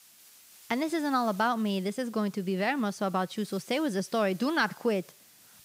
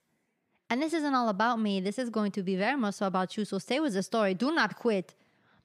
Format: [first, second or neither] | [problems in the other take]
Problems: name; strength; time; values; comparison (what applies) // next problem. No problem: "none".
second | hiss; faint; throughout; 20 dB below the speech